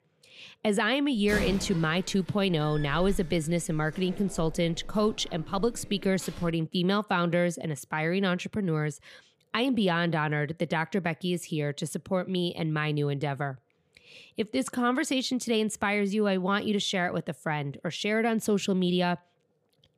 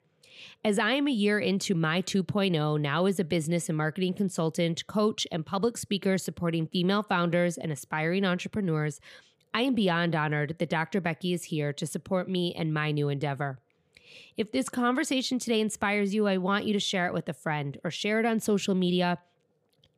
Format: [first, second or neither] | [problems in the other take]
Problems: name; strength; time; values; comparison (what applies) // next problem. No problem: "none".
second | door banging; noticeable; from 1 to 6.5 s; peak 4 dB below the speech